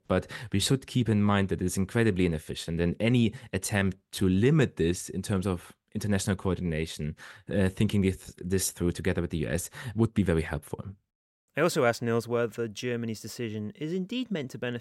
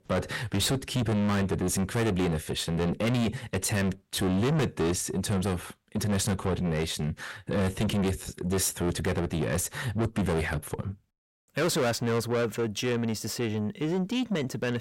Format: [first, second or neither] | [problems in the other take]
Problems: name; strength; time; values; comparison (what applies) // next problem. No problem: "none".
first | distortion; heavy; 5 dB below the speech